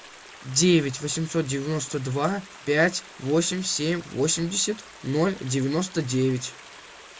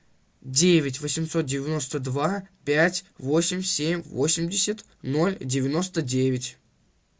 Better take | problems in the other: second | background sound (Stream); 19 dB below the speech

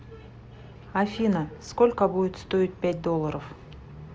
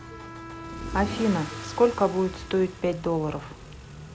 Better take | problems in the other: first | background sound (Engine starting / Accelerating, revving, vroom / Car + Bowed string instrument); 12 dB below the speech

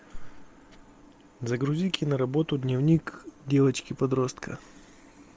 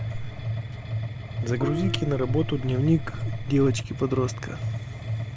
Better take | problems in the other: first | background sound (Gong + Mechanisms); 3 dB below the speech

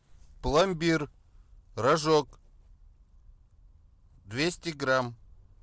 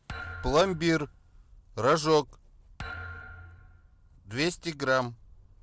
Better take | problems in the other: first | background sound (Thump, thud); 15 dB below the speech

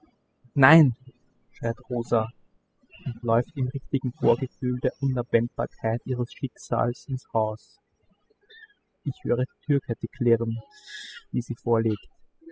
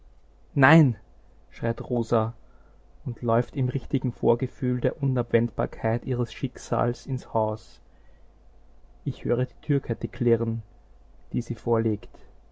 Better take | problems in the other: second | noise reduction (classical method spectral subtraction)

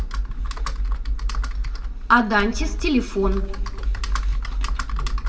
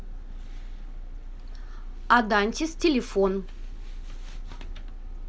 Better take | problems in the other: second | background sound (Computer keyboard); as loud as the speech // room echo; dies away in 1.5 s

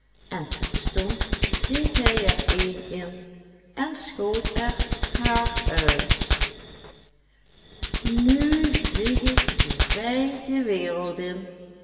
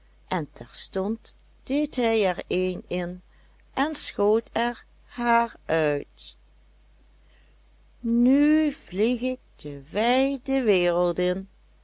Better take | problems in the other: second | background sound (Hands); 3 dB above the speech // room echo; dies away in 2.3 s

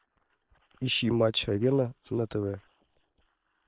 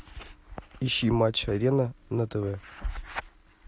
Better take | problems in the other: second | noise reduction (neural separator model SepFormer WHAM!)

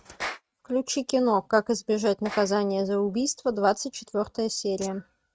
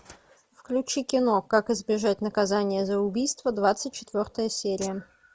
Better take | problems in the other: second | noise reduction (neural mask model RNNoise)

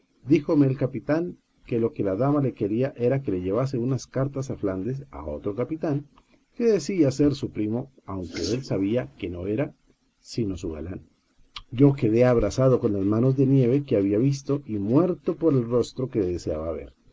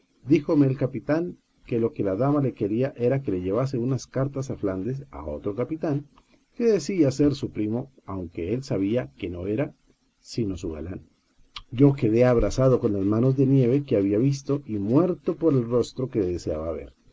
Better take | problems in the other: second | noise reduction (neural mask model Resemble Enhance denoiser)

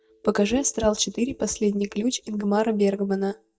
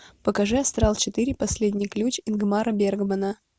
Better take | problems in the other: second | noise reduction (neural mask model DeepFilterNet 3)

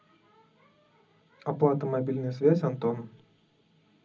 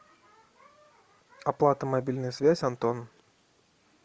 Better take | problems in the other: second | room echo; dies away in 0.4 s

